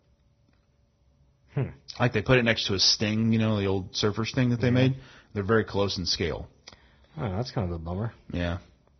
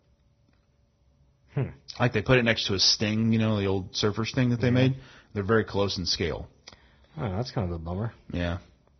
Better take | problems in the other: neither | garbled, watery; badly; nothing above 6 kHz; the same in both

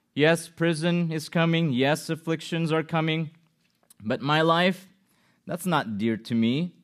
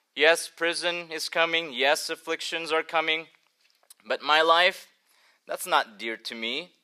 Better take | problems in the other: first | thin; very; fading below 500 Hz

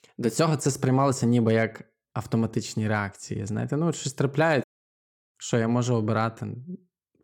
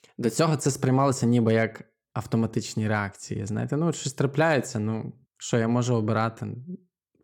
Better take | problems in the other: second | audio cutting out; at 4.5 s for 0.5 s

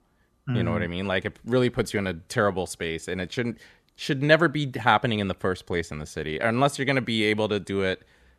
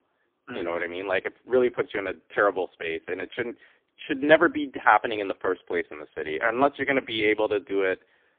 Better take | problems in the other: first | phone-call audio; poor line; nothing above 3.5 kHz

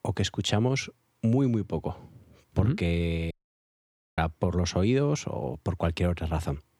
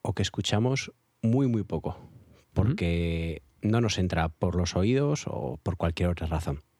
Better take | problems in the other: second | audio cutting out; at 3.5 s for 1 s

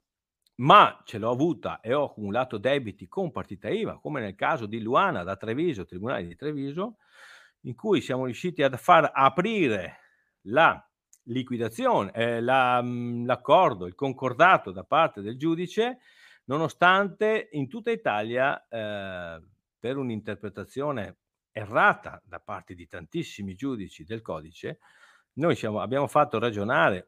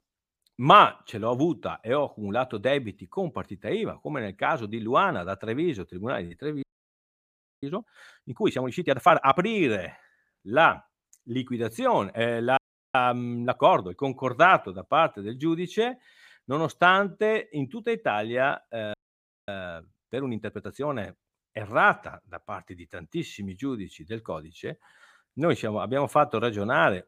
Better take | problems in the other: first | audio freezing; at 6.5 s for 1 s, at 13 s and at 19 s for 0.5 s

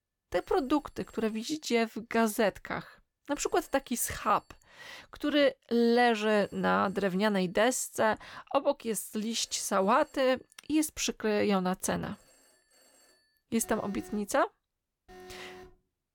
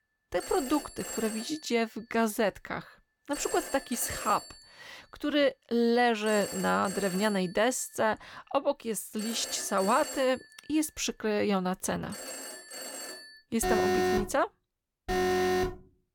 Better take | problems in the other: first | alarms or sirens; loud; throughout; 5 dB below the speech; faint in the first

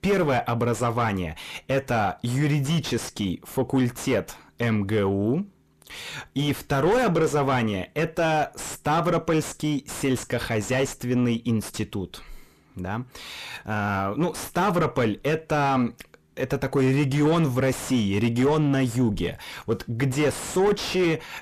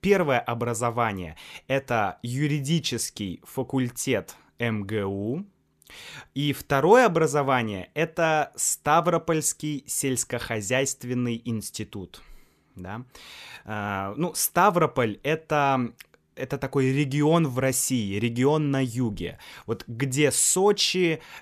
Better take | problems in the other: second | distortion; heavy; 5 dB below the speech

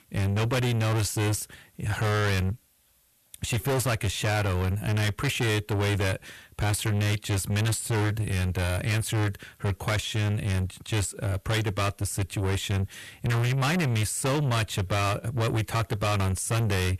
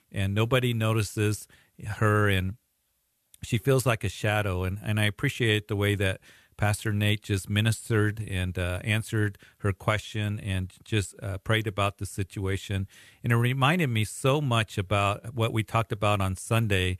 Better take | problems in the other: second | distortion; heavy; 5 dB below the speech

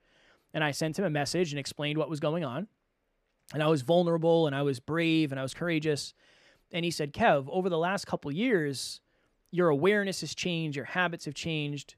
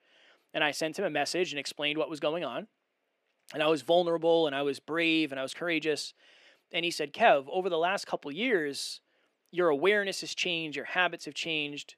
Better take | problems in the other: first | thin; somewhat; fading below 350 Hz

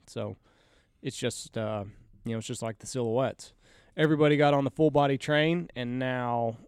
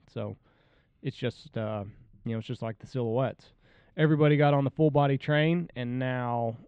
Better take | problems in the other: first | muffled; slightly; fading above 3.5 kHz

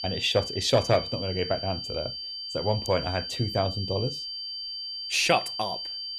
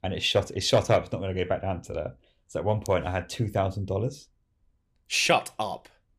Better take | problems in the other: second | high-pitched whine; loud; throughout; 4.5 kHz, 5 dB below the speech

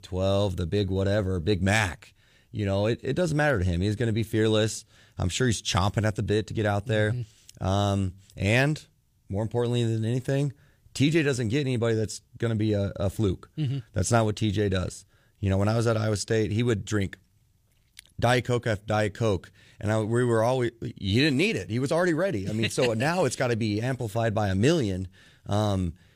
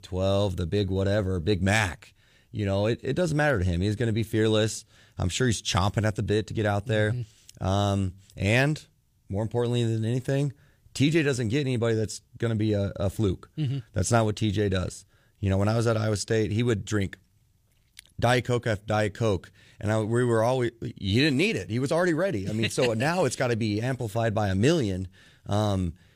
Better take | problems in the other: neither | none

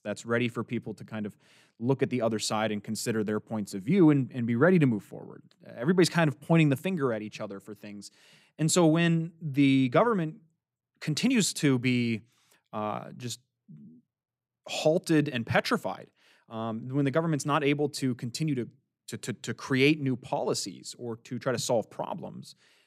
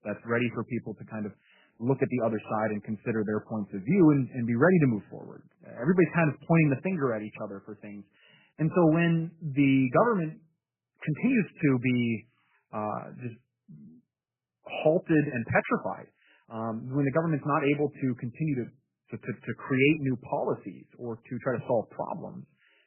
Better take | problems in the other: first | garbled, watery; badly; nothing above 3 kHz

